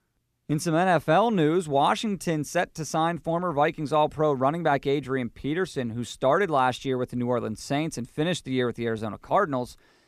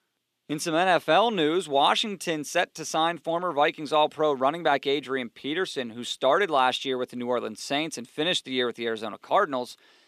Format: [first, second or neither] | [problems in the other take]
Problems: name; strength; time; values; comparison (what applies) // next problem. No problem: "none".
first | thin; very slightly; fading below 300 Hz